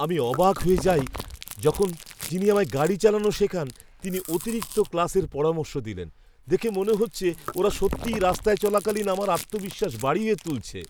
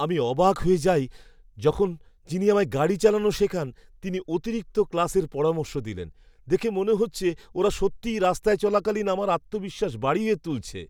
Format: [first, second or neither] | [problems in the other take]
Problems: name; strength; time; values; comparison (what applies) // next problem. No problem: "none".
second | background sound (Chewing, mastication); 15 dB below the speech